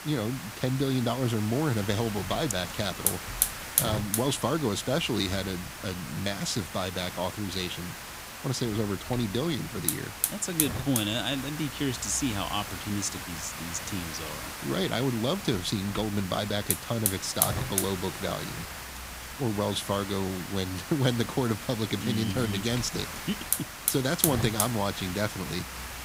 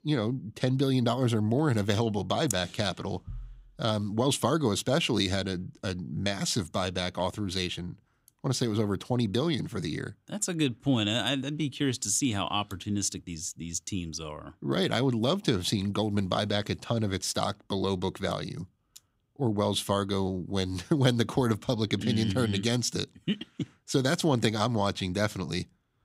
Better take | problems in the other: second | hiss; loud; throughout; 3 dB below the speech

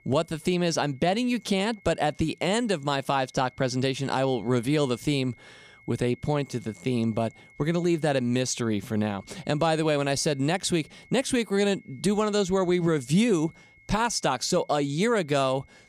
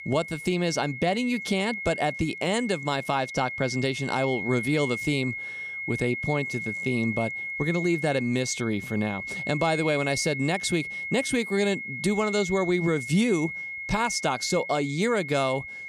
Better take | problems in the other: first | high-pitched whine; loud; throughout; 2 kHz, 6 dB below the speech; faint in the first

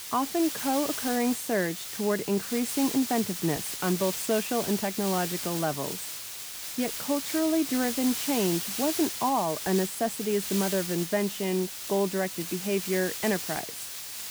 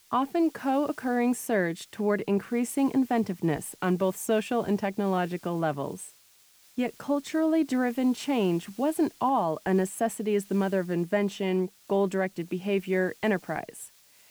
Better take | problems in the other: second | hiss; loud; throughout; 4 dB below the speech; faint in the second

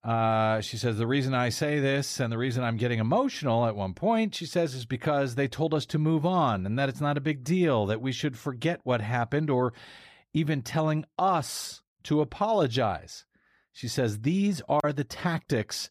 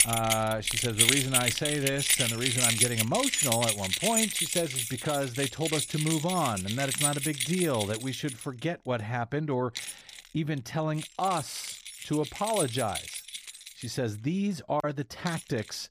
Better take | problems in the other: first | household noises; very loud; throughout; 3 dB above the speech

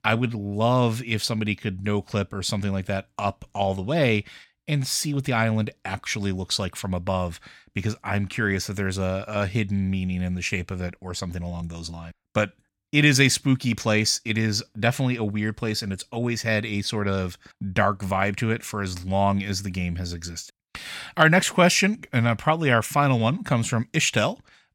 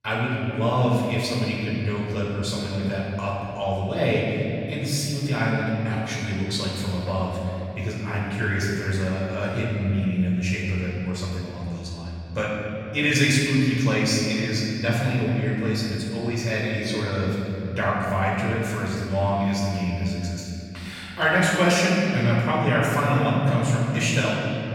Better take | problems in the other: first | off-mic speech; far // room echo; strong; dies away in 2.8 s

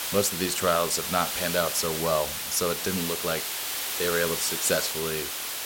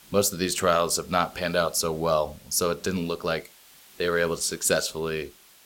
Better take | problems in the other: second | hiss; loud; throughout; 1 dB below the speech; faint in the second

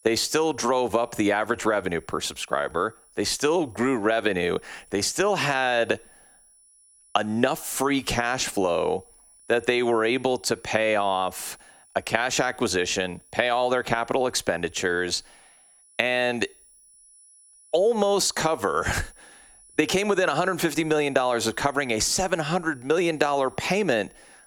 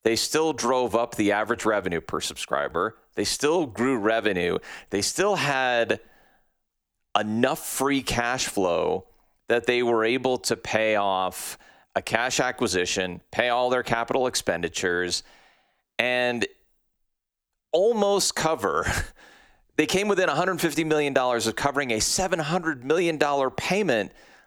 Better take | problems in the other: second | high-pitched whine; faint; throughout; 10 kHz, 30 dB below the speech

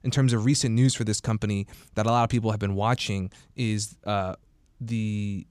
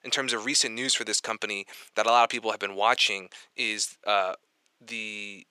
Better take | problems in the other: first | thin; very; fading below 450 Hz

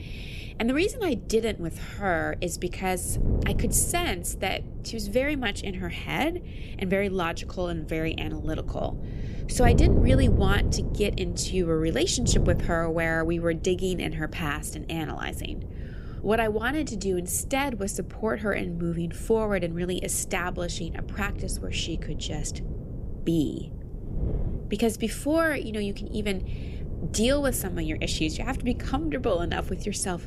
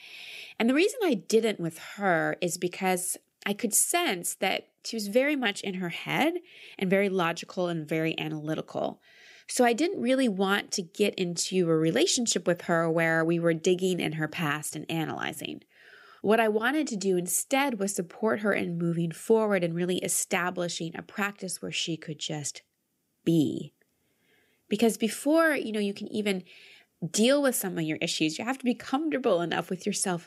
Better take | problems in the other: second | wind noise on the microphone; occasional gusts; 15 dB below the speech

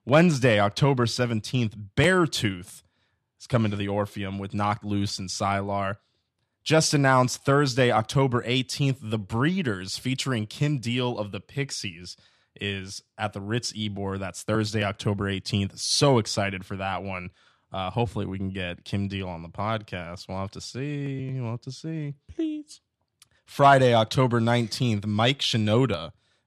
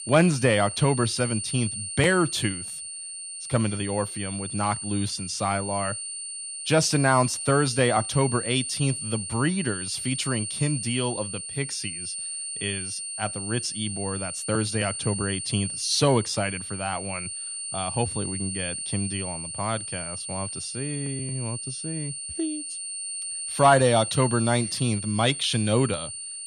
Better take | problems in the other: first | high-pitched whine; loud; throughout; 9 kHz, 5 dB below the speech

